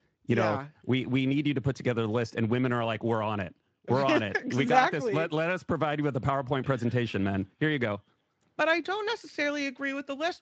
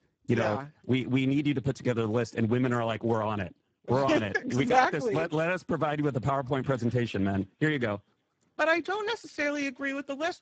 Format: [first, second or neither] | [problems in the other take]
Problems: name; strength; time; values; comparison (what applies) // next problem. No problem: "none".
first | garbled, watery; badly; nothing above 7.5 kHz; slightly in the first